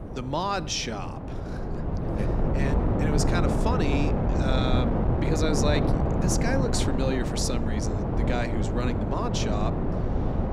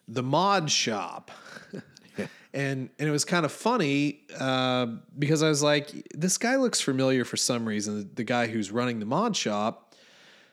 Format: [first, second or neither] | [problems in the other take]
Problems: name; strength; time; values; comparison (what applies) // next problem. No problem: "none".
second | wind noise on the microphone; heavy; 1 dB below the speech